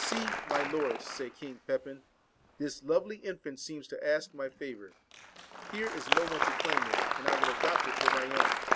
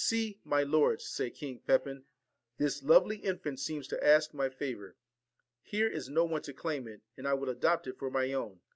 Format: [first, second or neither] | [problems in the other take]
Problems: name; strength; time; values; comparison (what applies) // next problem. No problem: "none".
second | background sound (Applause); 2 dB above the speech